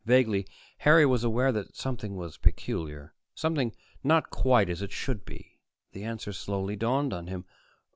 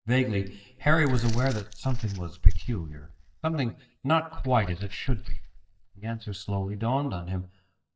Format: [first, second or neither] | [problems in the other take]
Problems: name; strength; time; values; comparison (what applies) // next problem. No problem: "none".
first | noise reduction (neural mask model DeepFilterNet 3)